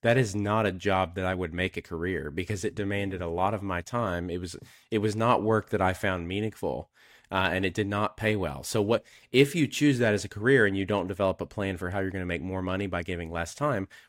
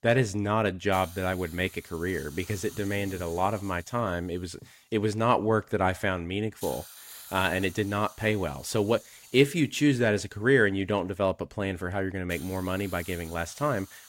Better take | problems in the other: first | hiss; noticeable; throughout; 20 dB below the speech

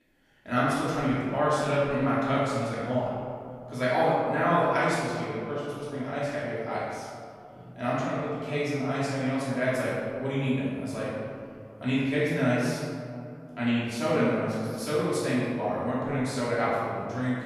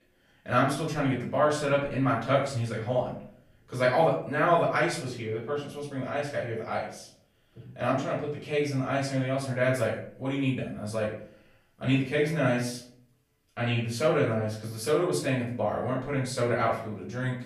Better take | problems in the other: second | room echo; strong; dies away in 2.2 s; slight in the second // off-mic speech; far; far in the second

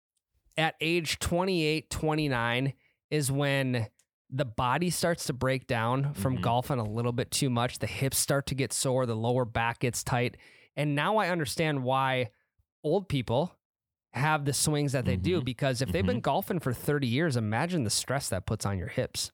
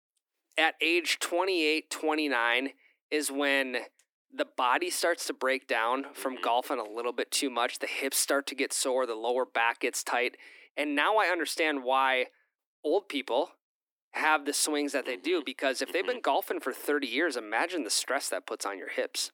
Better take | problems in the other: first | thin; somewhat; fading below 300 Hz

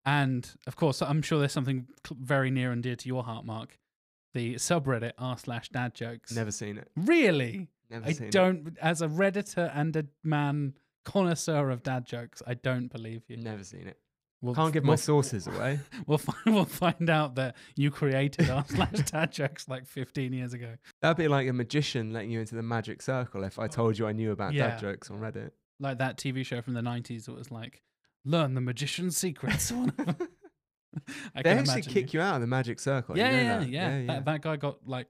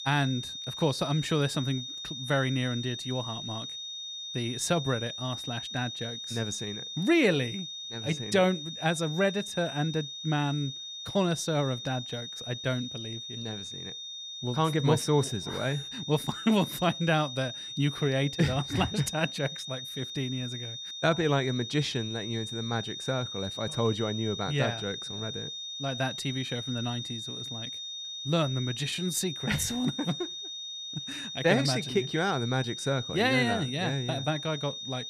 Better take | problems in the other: first | high-pitched whine; loud; throughout; 3.5 kHz, 6 dB below the speech

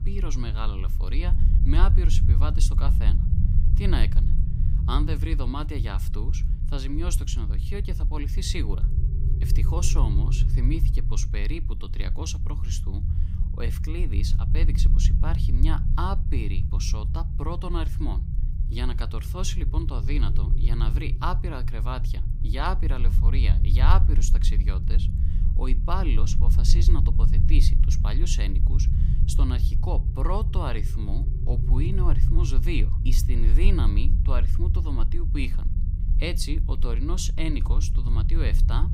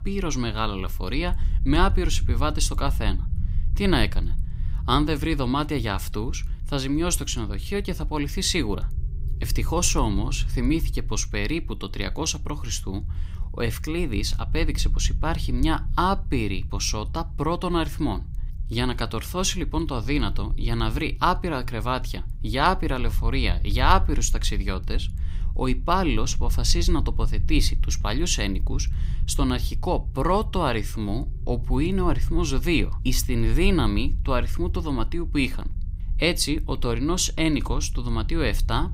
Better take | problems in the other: second | low rumble; loud; throughout; 7 dB below the speech; faint in the second

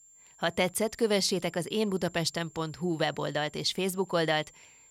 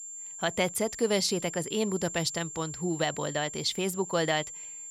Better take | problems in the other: first | high-pitched whine; loud; throughout; 7.5 kHz, 9 dB below the speech; faint in the first

